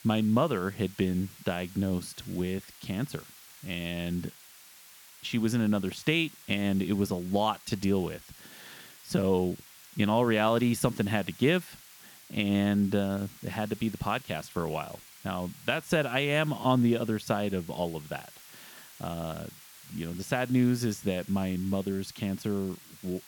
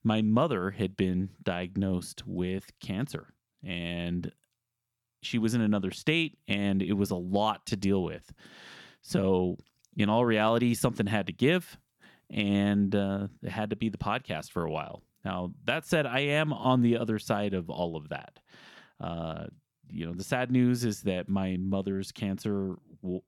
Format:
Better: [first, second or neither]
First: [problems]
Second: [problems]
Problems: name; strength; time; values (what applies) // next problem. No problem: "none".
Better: second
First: hiss; noticeable; throughout; 20 dB below the speech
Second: none